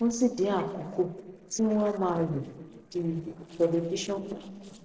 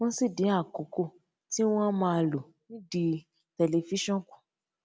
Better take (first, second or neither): second